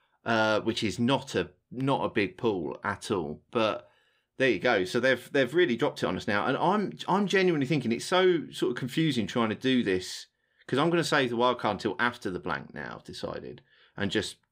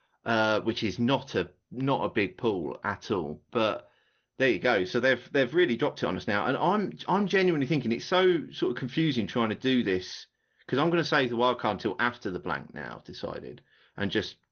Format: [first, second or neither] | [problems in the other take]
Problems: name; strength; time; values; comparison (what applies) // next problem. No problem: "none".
first | garbled, watery; slightly; nothing above 6.5 kHz